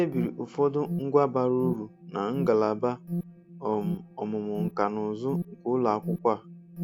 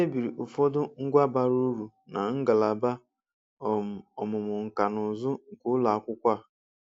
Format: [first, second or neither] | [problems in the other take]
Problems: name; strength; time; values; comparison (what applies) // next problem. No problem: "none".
second | background sound (Alarm); 8 dB below the speech